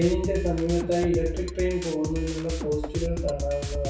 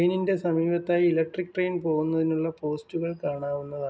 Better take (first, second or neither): second